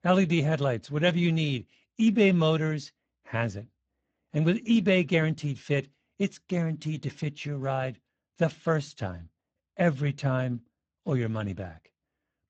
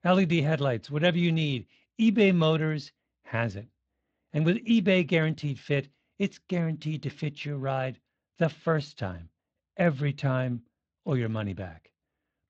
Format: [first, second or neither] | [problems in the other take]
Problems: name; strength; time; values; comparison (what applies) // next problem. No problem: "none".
second | garbled, watery; badly; nothing above 7.5 kHz; slightly in the second